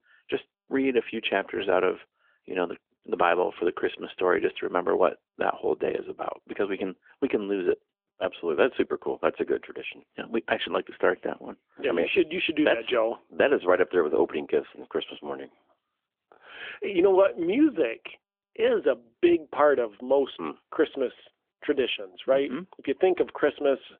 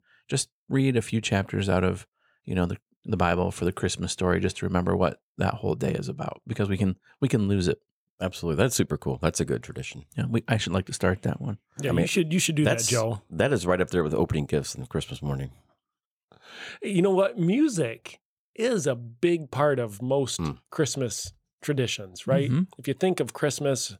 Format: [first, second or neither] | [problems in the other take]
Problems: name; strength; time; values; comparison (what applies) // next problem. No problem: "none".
second | phone-call audio; nothing above 3.5 kHz